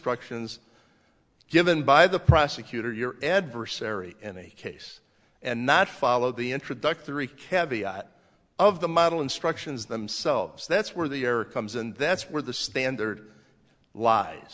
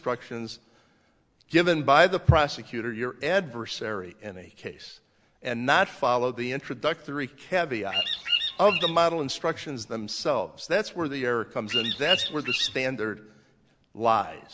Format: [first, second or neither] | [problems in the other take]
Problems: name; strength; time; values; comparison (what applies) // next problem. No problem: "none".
first | background sound (Bird vocalization, bird call, bird song); 1 dB below the speech